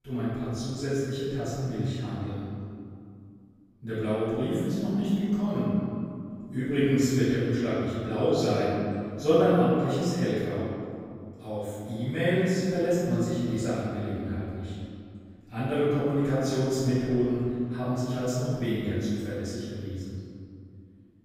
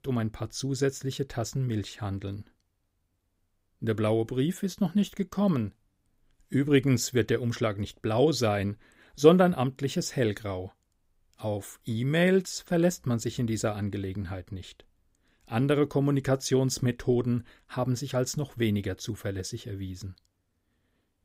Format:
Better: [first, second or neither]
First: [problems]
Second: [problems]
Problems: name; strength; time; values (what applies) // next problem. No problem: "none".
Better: second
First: off-mic speech; far // room echo; strong; dies away in 2.3 s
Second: none